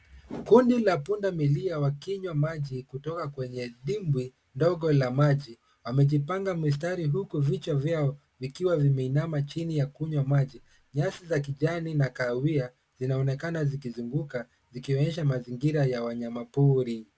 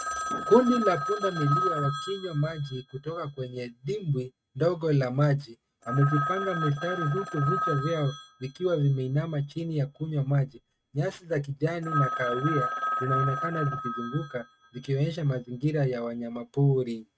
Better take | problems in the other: first | noise reduction (neural mask model RNNoise)

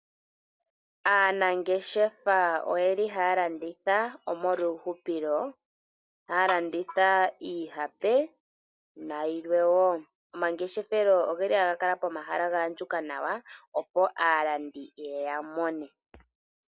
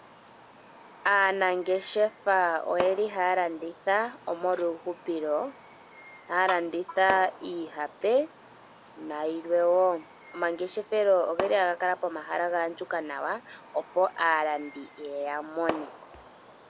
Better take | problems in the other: first | background sound (Fireworks); 16 dB below the speech

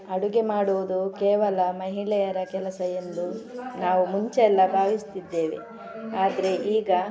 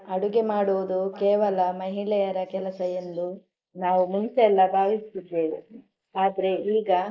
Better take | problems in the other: first | noise reduction (neural mask model Resemble Enhance denoiser)

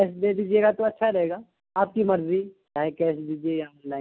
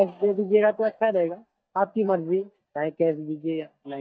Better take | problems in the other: first | noise reduction (neural mask model DeepFilterNet 3)

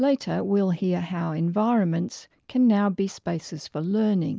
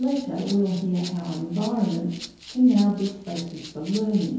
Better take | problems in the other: first | background sound (Rattle (instrument)); 19 dB below the speech // room echo; dies away in 2.2 s

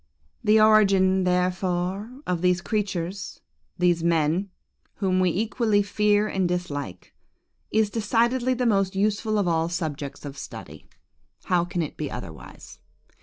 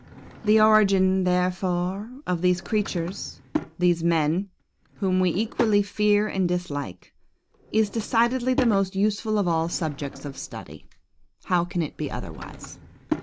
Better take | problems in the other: first | background sound (Drawer open or close / Wood); 13 dB below the speech

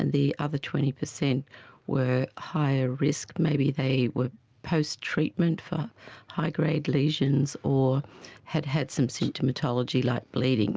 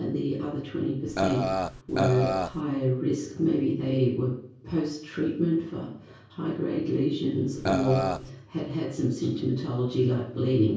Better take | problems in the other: first | background sound (Burping, eructation); 1 dB below the speech // room echo; dies away in 0.6 s

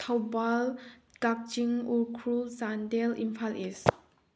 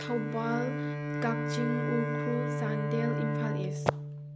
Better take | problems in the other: first | background sound (Bowed string instrument); 2 dB above the speech

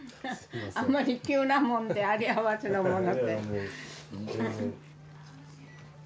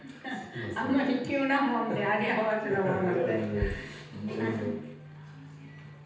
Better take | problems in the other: first | background sound (Bass drum); 11 dB below the speech // room echo; dies away in 0.9 s

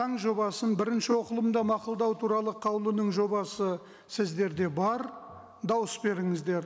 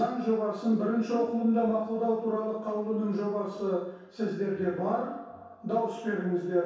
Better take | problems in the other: first | room echo; dies away in 0.7 s

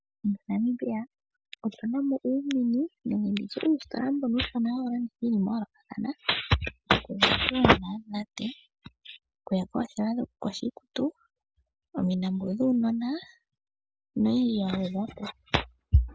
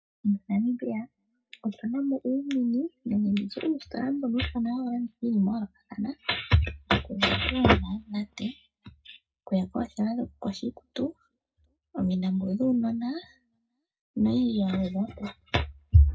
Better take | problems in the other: first | room echo; dies away in 0.2 s

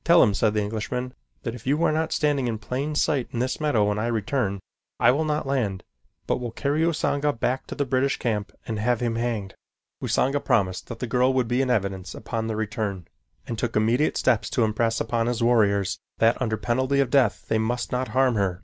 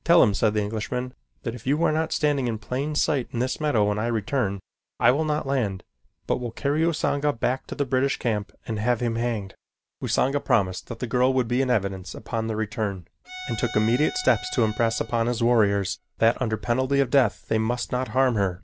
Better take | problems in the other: first | background sound (Bowed string instrument); 16 dB below the speech

